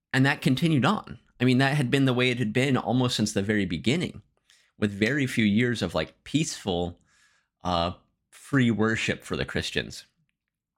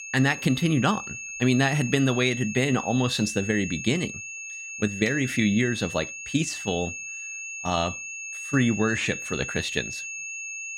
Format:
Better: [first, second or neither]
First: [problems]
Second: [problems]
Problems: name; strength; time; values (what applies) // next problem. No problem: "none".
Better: first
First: none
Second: high-pitched whine; loud; throughout; 2.5 kHz, 8 dB below the speech